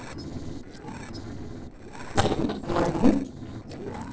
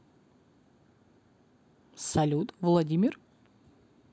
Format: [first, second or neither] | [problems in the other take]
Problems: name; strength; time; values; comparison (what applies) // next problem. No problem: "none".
second | noise reduction (neural separator model SepFormer DNS4)